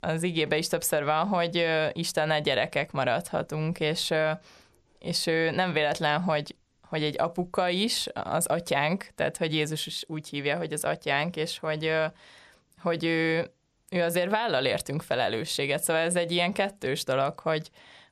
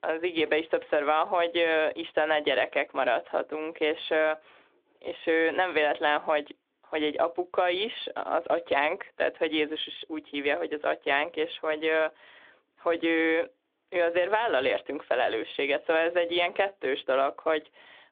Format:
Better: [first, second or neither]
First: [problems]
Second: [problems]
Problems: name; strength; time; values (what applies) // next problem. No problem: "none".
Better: first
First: none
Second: phone-call audio